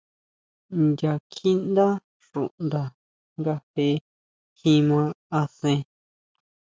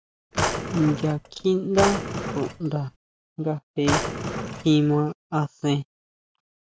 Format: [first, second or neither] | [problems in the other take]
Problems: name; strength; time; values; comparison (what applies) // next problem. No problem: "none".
first | background sound (Drawer open or close); 3 dB below the speech